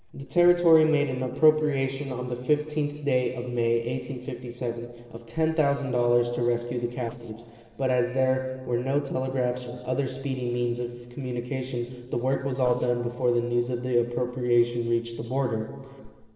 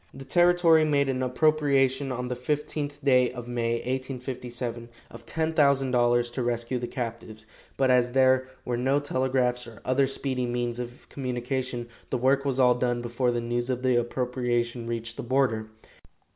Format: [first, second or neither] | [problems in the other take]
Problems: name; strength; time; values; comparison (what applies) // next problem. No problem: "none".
second | noise reduction (neural separator model SepFormer DNS4)